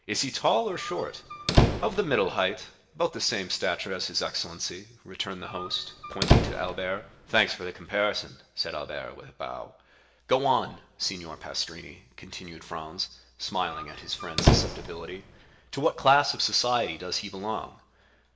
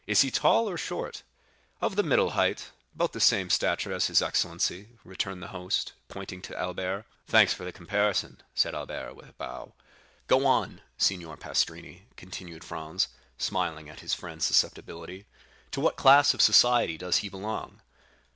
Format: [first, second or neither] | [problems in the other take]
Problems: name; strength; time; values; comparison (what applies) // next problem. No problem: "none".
second | background sound (Squeak); 2 dB above the speech // room echo; dies away in 0.7 s